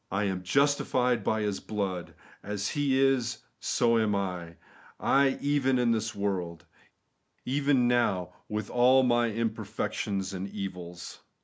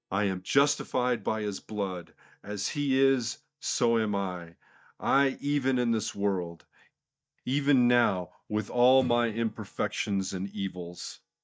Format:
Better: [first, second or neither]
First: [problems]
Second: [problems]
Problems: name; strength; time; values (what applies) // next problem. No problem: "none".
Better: first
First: none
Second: noise reduction (neural mask model DeepFilterNet 3)